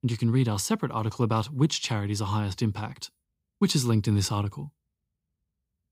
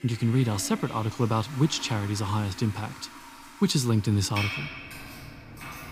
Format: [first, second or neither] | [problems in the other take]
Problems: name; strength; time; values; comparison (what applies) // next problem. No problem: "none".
first | household noises; noticeable; throughout; 10 dB below the speech